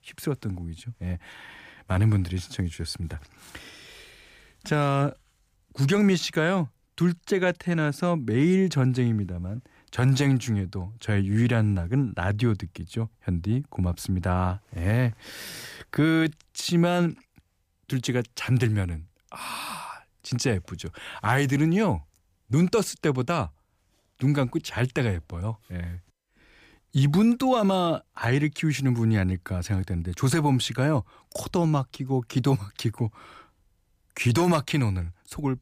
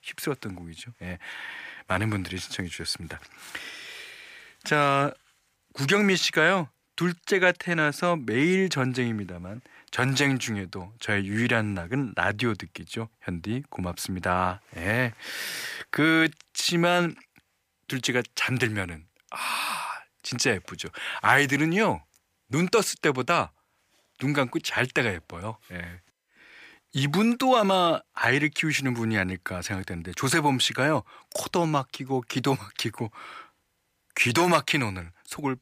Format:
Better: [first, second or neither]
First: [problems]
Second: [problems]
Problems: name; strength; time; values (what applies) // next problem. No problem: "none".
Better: first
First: none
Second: thin; somewhat; fading below 400 Hz